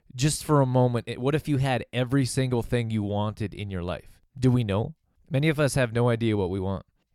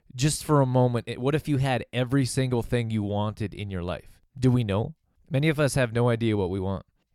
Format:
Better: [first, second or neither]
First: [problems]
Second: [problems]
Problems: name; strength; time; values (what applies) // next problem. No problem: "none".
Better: neither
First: none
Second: none